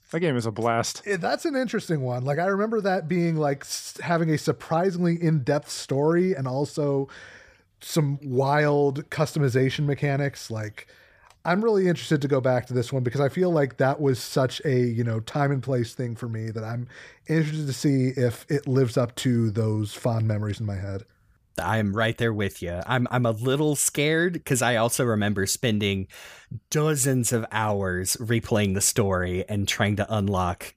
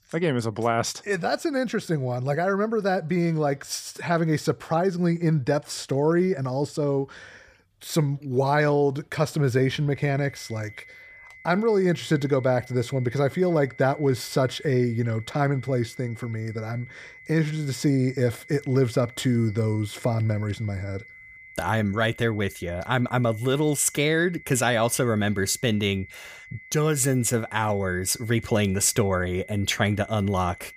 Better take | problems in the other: first | high-pitched whine; faint; from 10 s on; 2 kHz, 20 dB below the speech

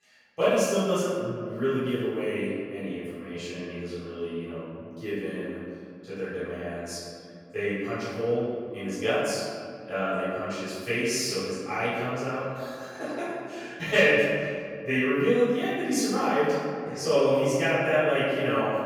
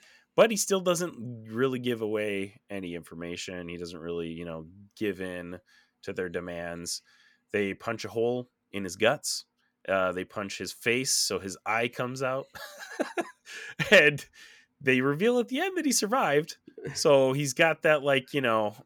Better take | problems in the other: second | room echo; strong; dies away in 2.3 s // off-mic speech; far

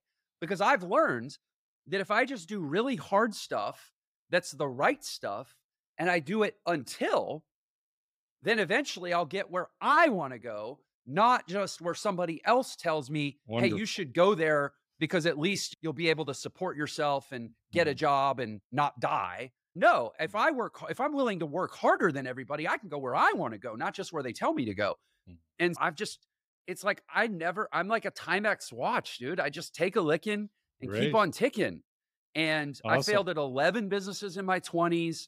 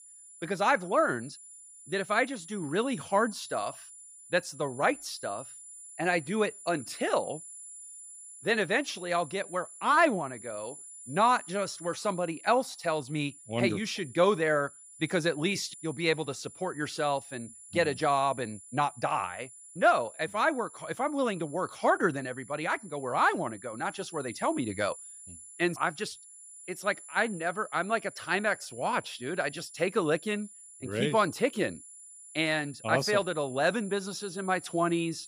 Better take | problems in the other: first | high-pitched whine; noticeable; throughout; 10 kHz, 15 dB below the speech

